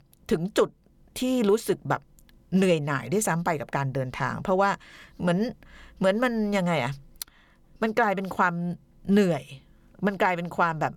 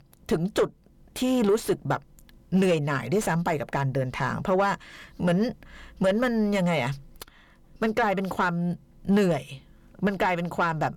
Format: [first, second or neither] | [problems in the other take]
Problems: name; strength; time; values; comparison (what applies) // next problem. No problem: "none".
first | distortion; slight; 10 dB below the speech